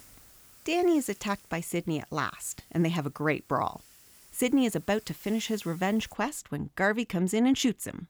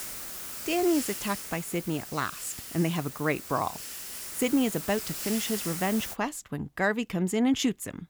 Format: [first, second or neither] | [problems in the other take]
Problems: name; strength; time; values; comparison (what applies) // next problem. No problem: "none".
first | hiss; loud; until 6 s; 7 dB below the speech; faint in the first